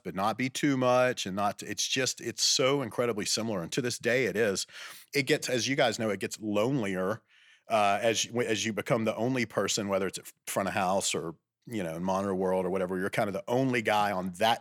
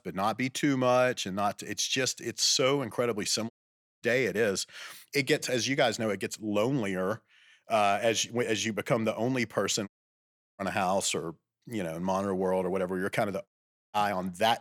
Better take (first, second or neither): first